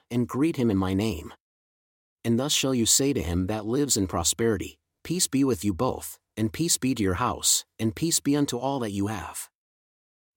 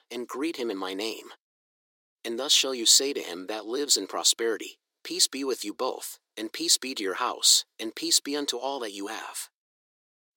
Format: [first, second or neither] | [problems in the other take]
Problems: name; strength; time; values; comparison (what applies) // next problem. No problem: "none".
first | thin; somewhat; fading below 350 Hz